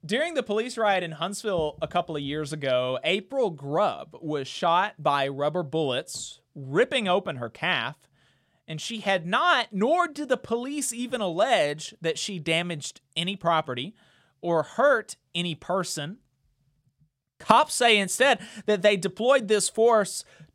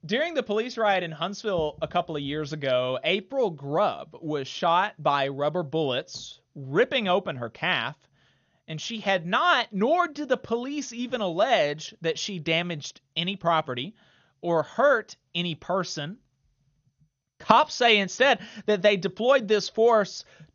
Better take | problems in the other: first | garbled, watery; slightly; nothing above 6.5 kHz

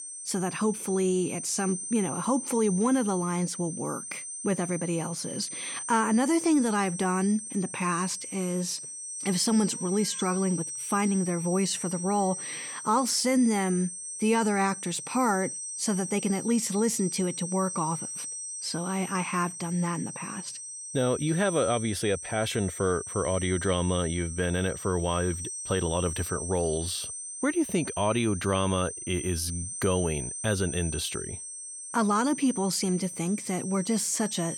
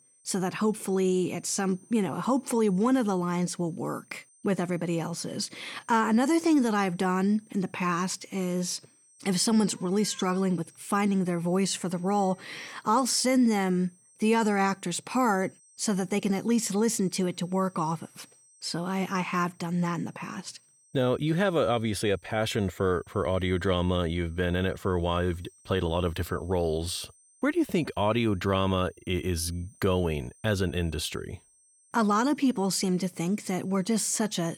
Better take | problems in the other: second | high-pitched whine; loud; throughout; 8.5 kHz, 7 dB below the speech; faint in the second

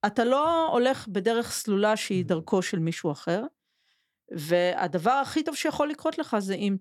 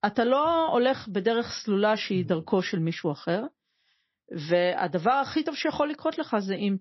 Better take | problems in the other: first | garbled, watery; slightly; nothing above 5.5 kHz

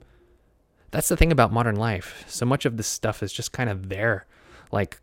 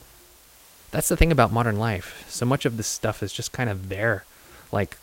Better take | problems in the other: first | hiss; faint; throughout; 25 dB below the speech

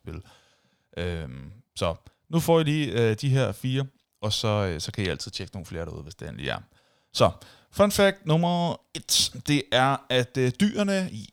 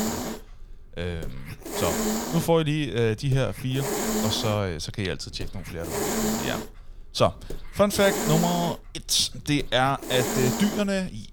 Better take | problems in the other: first | hiss; loud; throughout; 4 dB below the speech

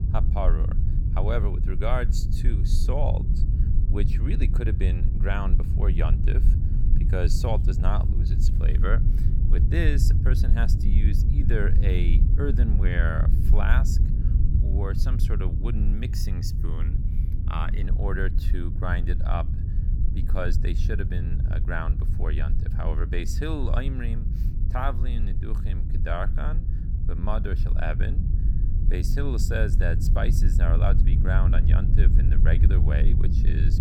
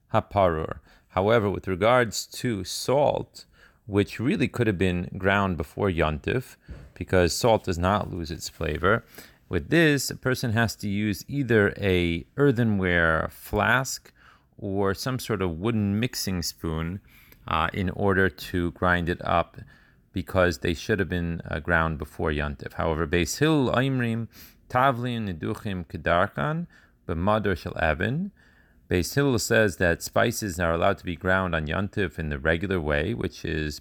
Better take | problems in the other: second | low rumble; loud; throughout; 6 dB below the speech

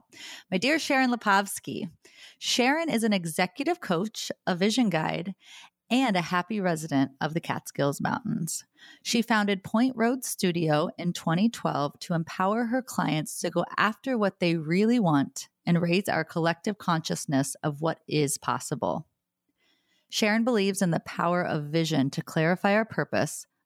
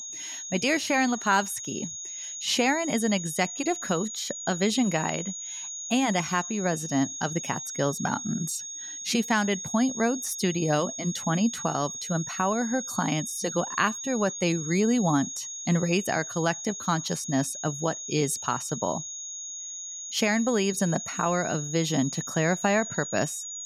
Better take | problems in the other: first | high-pitched whine; loud; throughout; 6.5 kHz, 7 dB below the speech

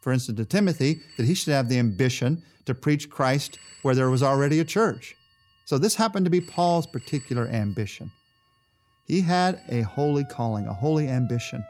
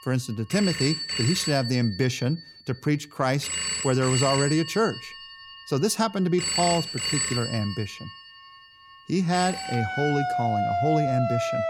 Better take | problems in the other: first | alarms or sirens; loud; throughout; 2 dB below the speech; faint in the first

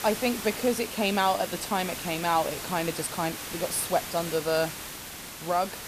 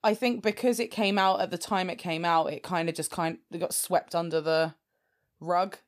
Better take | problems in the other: second | hiss; loud; throughout; 7 dB below the speech

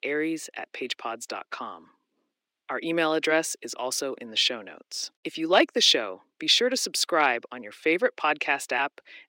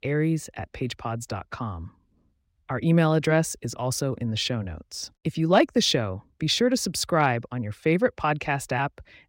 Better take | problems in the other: second | thin; somewhat; fading below 300 Hz

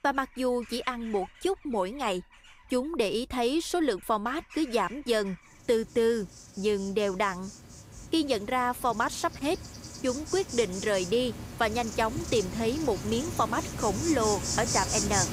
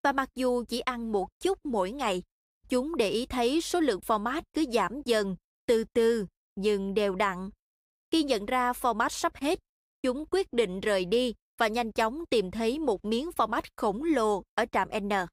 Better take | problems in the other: second | animal sounds; loud; throughout; 6 dB below the speech

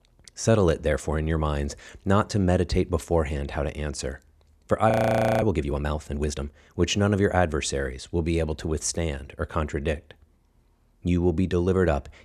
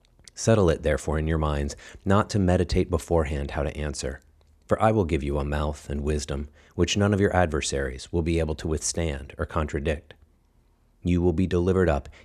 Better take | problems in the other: second | audio freezing; at 5 s for 0.5 s

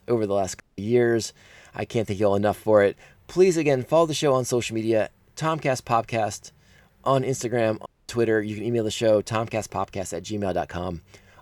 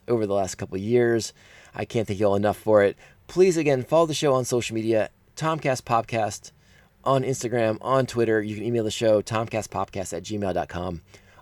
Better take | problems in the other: second | audio cutting out; at 0.5 s and at 8 s

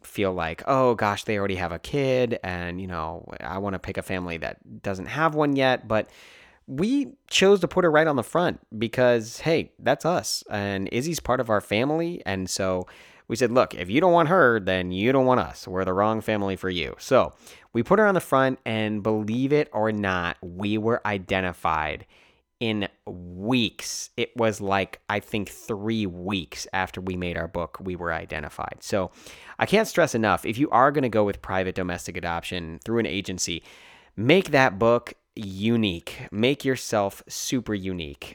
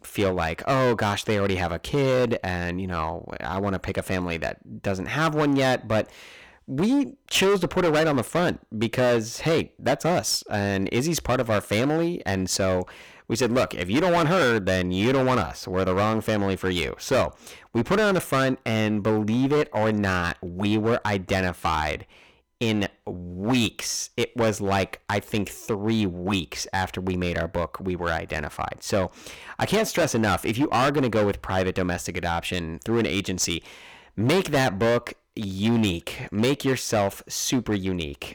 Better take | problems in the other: first | distortion; heavy; 10% of the sound clipped

